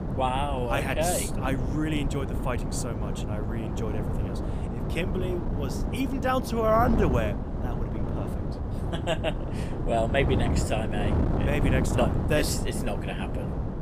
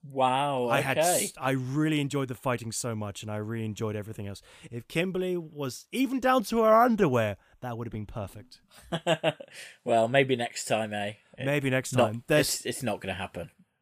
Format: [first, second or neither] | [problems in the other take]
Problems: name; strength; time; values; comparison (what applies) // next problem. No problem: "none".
second | wind noise on the microphone; heavy; 7 dB below the speech